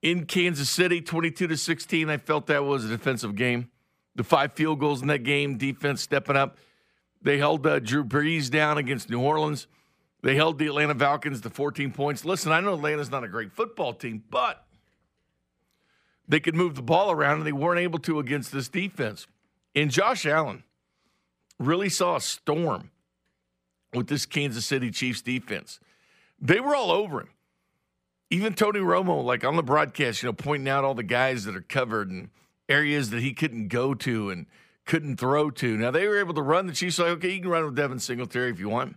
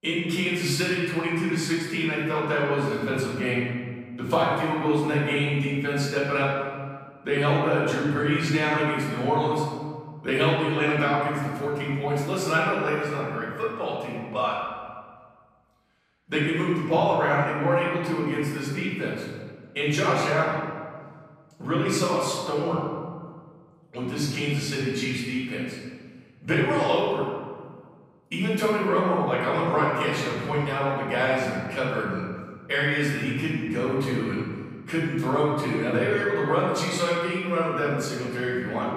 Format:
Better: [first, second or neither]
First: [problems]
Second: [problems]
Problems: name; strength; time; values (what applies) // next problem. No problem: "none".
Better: first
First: none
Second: room echo; noticeable; dies away in 1.5 s // off-mic speech; far